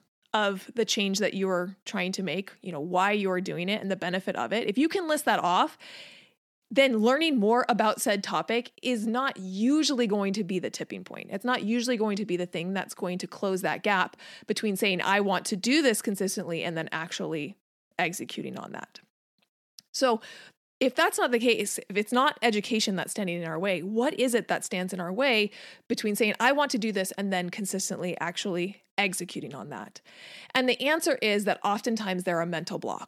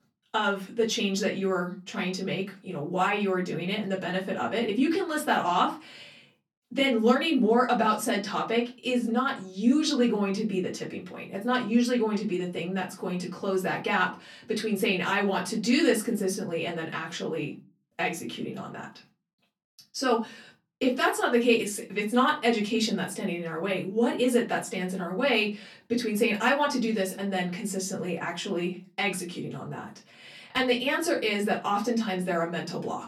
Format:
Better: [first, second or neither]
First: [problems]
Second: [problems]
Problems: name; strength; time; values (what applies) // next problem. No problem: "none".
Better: first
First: none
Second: off-mic speech; far // room echo; very slight; dies away in 0.3 s